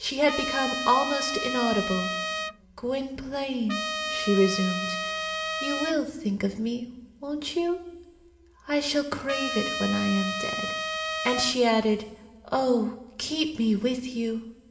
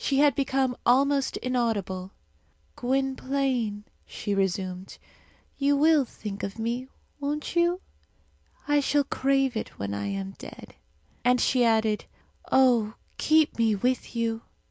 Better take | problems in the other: second | background sound (Trumpet); 3 dB below the speech // room echo; dies away in 1.4 s

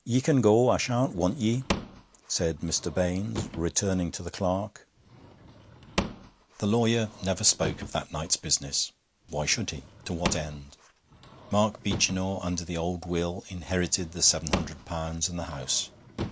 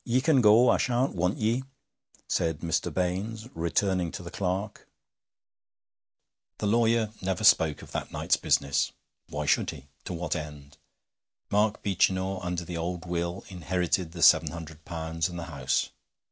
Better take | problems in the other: second | background sound (Drawer open or close / Wood); 11 dB below the speech

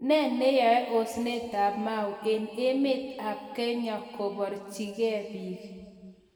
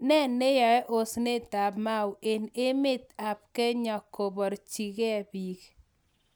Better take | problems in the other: second | room echo; dies away in 2.2 s

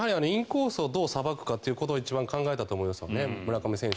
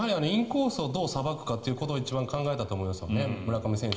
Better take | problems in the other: first | room echo; dies away in 2.9 s

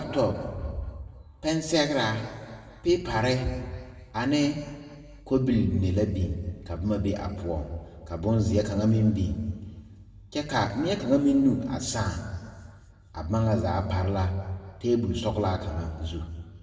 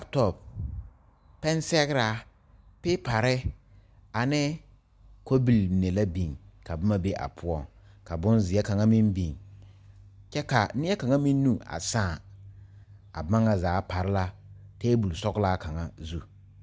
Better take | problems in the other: second | room echo; dies away in 1.5 s

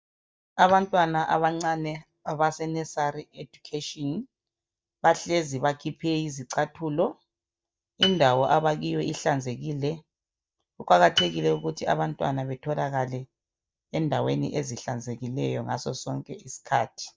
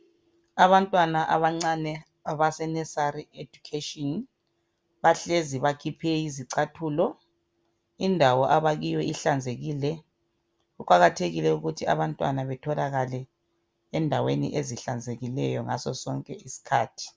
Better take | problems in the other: second | noise reduction (neural mask model DeepFilterNet 3)

